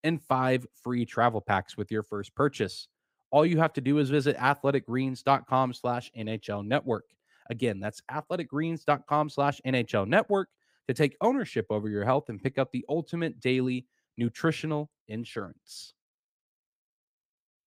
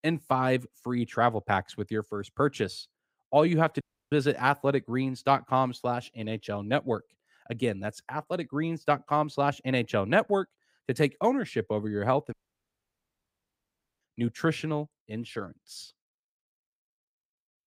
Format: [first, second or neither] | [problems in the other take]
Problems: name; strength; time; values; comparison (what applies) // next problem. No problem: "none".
first | audio cutting out; at 4 s and at 12 s for 1.5 s